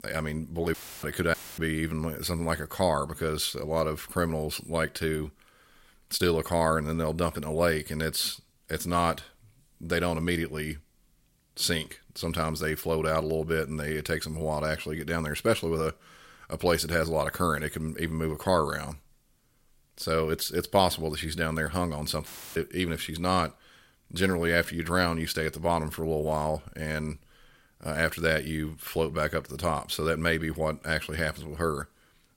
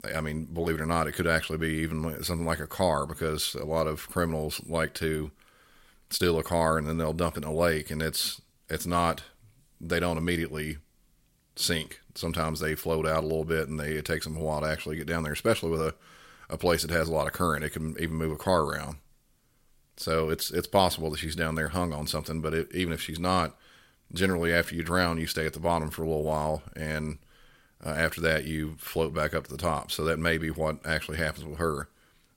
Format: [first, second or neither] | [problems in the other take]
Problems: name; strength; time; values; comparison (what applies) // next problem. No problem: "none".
second | audio cutting out; filled with static; at 0.5 s, at 1.5 s and at 22 s